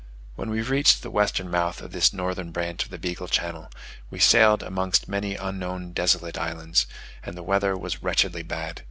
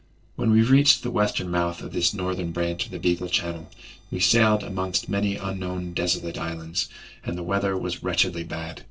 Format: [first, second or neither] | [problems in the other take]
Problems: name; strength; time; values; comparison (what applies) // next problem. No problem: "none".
first | noise reduction (neural separator model SepFormer DNS4)